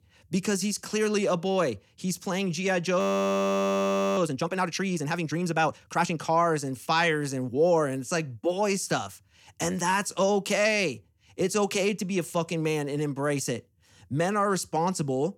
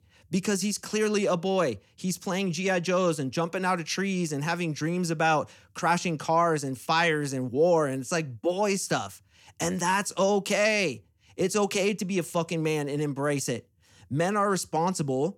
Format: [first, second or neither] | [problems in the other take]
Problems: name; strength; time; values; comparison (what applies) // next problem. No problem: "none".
second | audio freezing; at 3 s for 1 s